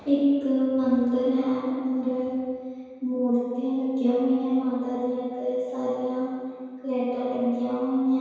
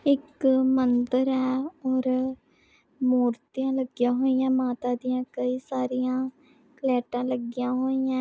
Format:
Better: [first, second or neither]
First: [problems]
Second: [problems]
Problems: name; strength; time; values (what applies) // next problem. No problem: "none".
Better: second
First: room echo; dies away in 1.9 s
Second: none